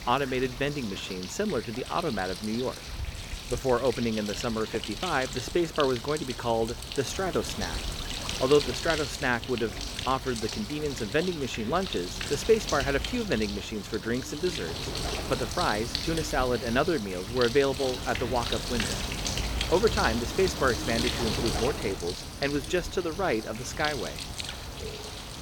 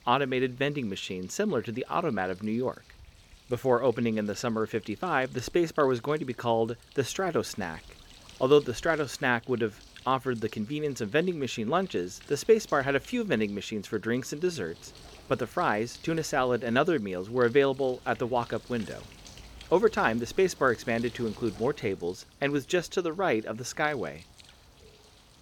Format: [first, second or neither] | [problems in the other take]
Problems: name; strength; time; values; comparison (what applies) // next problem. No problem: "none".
second | animal sounds; loud; throughout; 5 dB below the speech; faint in the second